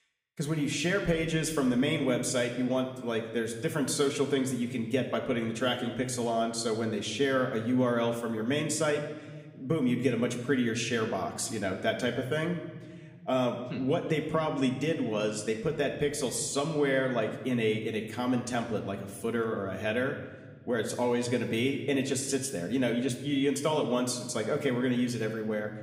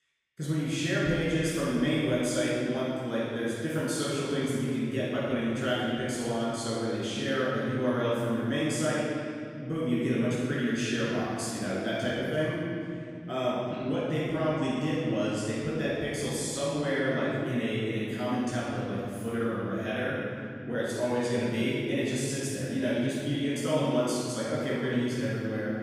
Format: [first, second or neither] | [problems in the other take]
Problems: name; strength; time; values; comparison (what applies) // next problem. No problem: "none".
first | room echo; strong; dies away in 2.6 s; slight in the first // off-mic speech; far; somewhat distant in the first